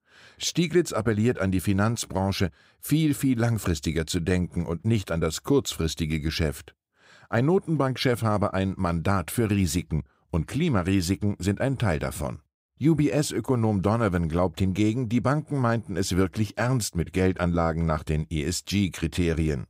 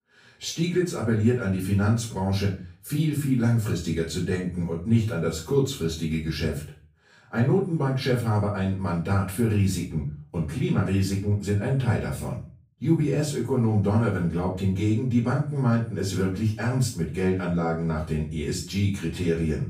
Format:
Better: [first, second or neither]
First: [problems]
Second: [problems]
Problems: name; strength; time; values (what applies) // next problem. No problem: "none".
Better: first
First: none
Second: room echo; slight; dies away in 0.4 s // off-mic speech; far